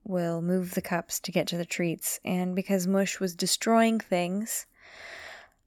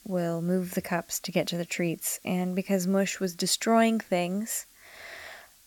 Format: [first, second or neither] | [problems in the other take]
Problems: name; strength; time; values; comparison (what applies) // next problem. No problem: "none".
first | hiss; faint; throughout; 25 dB below the speech